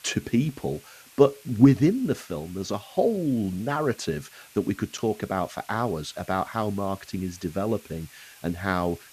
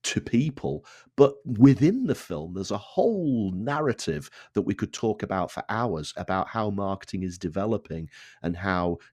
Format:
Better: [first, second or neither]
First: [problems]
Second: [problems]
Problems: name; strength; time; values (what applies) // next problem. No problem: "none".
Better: second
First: hiss; faint; throughout; 25 dB below the speech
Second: none